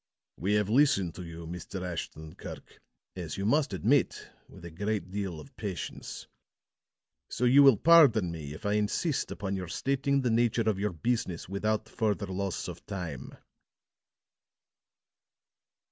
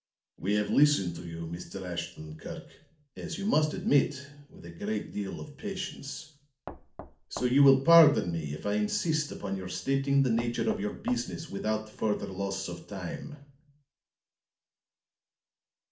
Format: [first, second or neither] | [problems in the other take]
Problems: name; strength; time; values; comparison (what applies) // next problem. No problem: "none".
first | background sound (Knock); 14 dB below the speech // room echo; dies away in 0.4 s